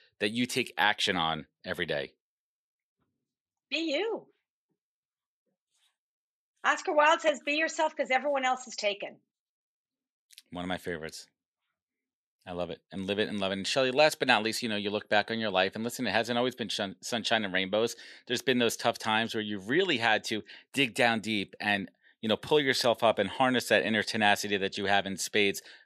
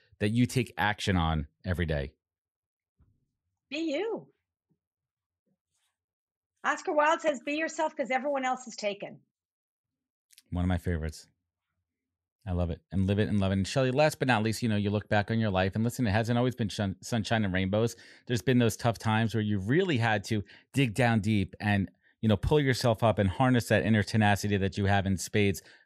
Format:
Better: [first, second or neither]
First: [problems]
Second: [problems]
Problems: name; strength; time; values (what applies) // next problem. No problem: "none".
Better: second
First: thin; somewhat; fading below 300 Hz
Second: none